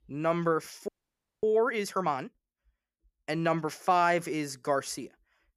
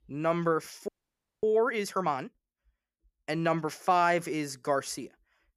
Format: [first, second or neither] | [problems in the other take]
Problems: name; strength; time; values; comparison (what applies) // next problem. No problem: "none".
neither | audio freezing; at 1 s for 0.5 s; the same in both